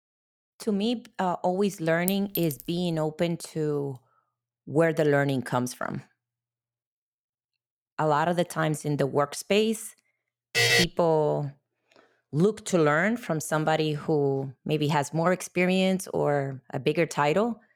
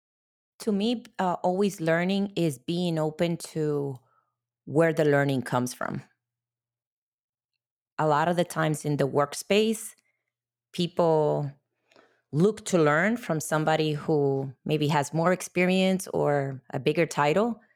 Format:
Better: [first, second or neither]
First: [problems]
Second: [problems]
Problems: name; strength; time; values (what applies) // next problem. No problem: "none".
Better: second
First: clattering dishes; noticeable; at 2 s; peak 6 dB below the speech // alarm; loud; at 11 s; peak 6 dB above the speech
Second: none